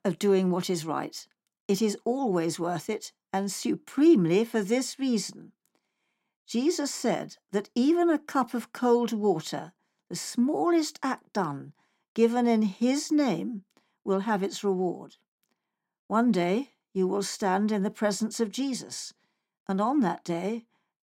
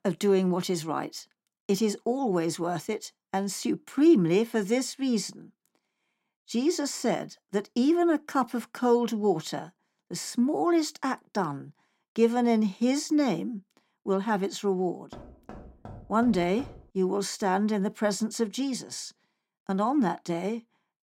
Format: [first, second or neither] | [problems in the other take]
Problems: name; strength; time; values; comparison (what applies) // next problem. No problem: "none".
first | door banging; faint; from 15 to 17 s; peak 20 dB below the speech